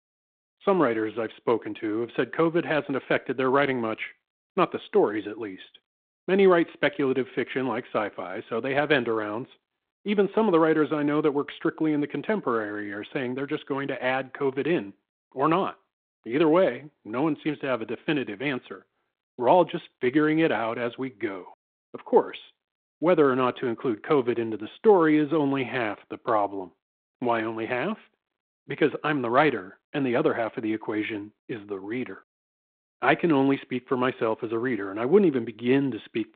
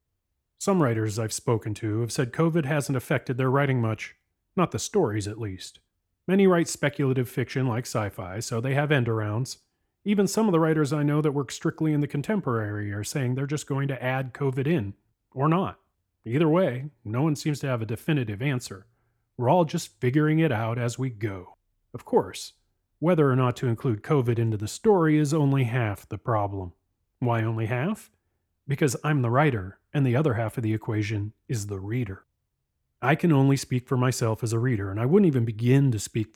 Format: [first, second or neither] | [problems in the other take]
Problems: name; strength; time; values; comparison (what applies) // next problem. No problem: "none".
second | phone-call audio; nothing above 3.5 kHz